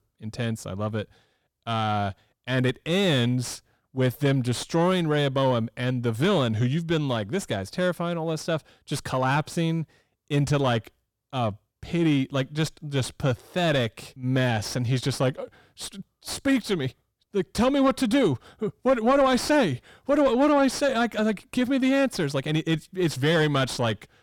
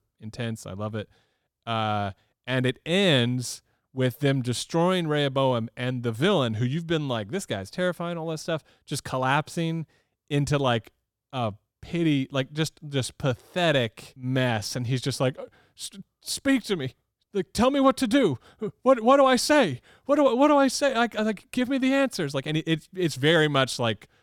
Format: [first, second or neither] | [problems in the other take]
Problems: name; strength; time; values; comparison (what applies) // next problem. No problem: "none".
second | distortion; slight; 10 dB below the speech